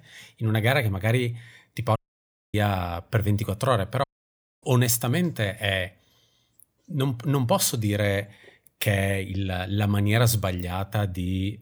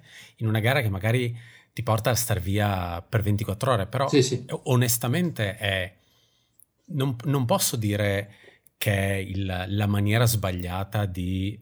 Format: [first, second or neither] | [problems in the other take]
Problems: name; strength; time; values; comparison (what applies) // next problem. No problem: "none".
second | audio cutting out; at 2 s for 0.5 s and at 4 s for 0.5 s